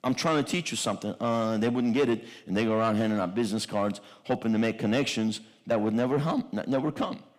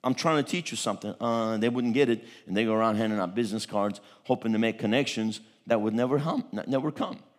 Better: second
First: distortion; slight; 10 dB below the speech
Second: none

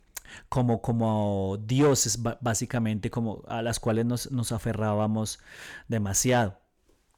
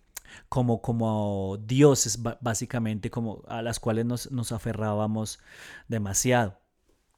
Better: second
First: distortion; slight; 10 dB below the speech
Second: none

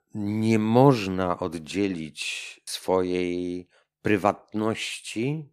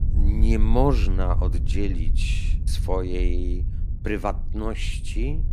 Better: first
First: none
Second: wind noise on the microphone; occasional gusts; 15 dB below the speech

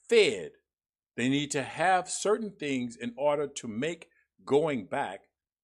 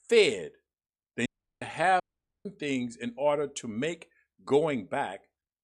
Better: first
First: none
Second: audio cutting out; at 1.5 s and at 2 s

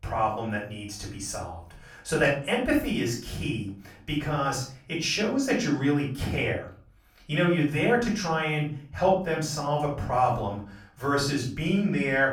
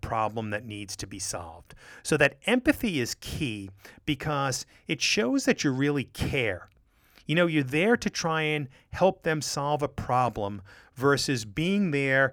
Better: second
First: off-mic speech; far // room echo; slight; dies away in 0.4 s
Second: none

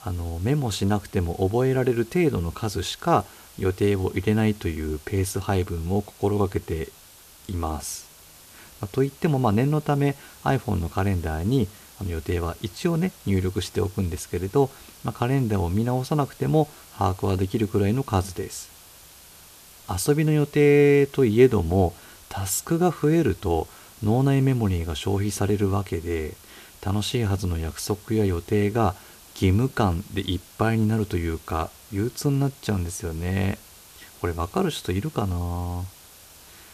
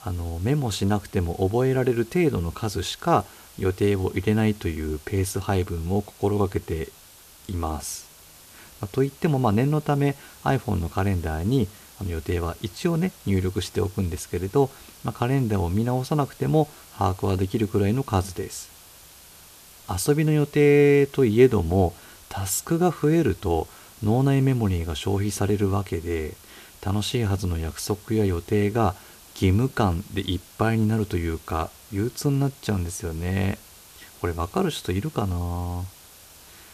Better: neither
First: hiss; faint; throughout; 20 dB below the speech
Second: hiss; faint; throughout; 20 dB below the speech

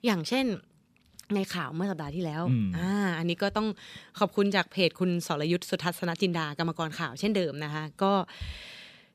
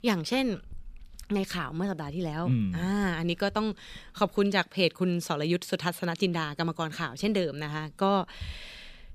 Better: first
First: none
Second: animal sounds; faint; throughout; 30 dB below the speech

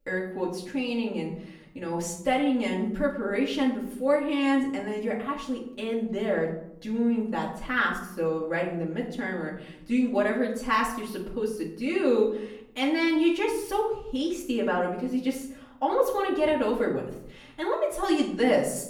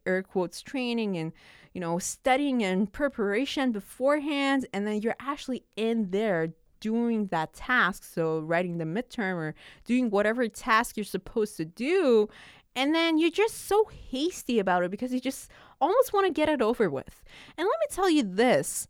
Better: second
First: off-mic speech; far // room echo; slight; dies away in 0.6 s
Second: none

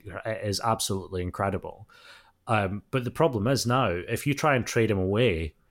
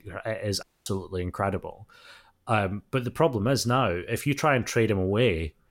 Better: first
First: none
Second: audio cutting out; at 0.5 s

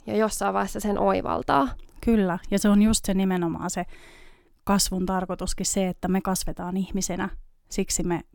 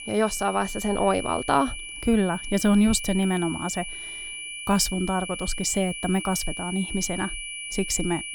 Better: first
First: none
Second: high-pitched whine; loud; throughout; 2.5 kHz, 8 dB below the speech

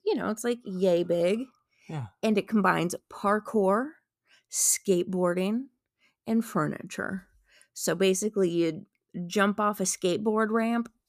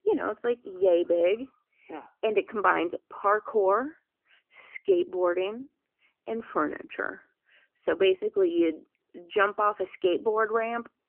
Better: first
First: none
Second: phone-call audio; nothing above 3 kHz

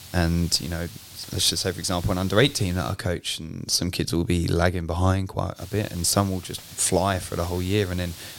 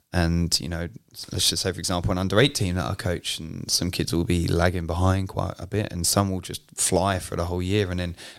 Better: second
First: hiss; noticeable; until 3 s and from 5.5 s on; 15 dB below the speech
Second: none

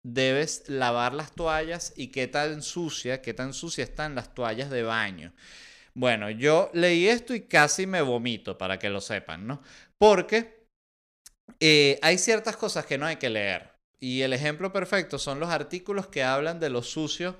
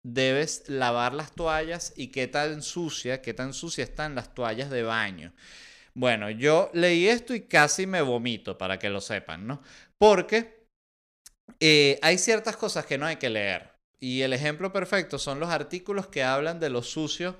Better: neither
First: none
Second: none

